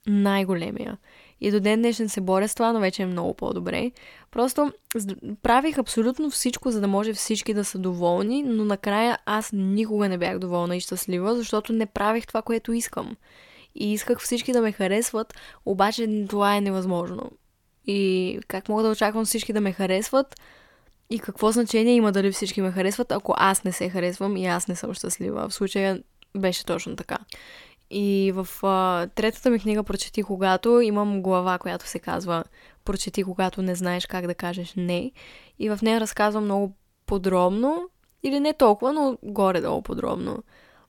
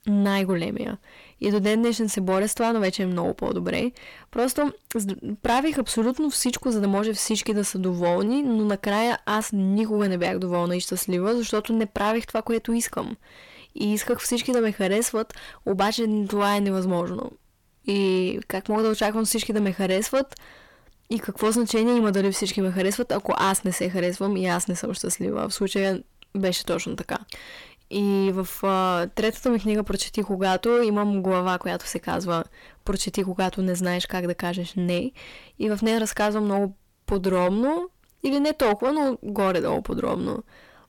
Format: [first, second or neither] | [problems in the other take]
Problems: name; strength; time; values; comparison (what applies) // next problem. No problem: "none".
first | distortion; slight; 10 dB below the speech